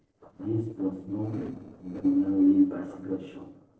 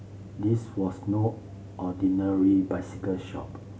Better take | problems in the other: second | noise reduction (neural separator model SepFormer DNS4)

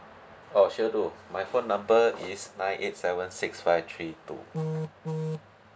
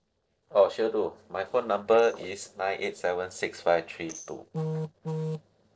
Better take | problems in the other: first | noise reduction (neural separator model SepFormer DNS4)

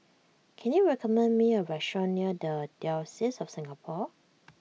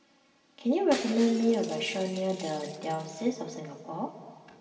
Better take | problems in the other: first | background sound (Shatter); 16 dB below the speech // room echo; dies away in 2.2 s

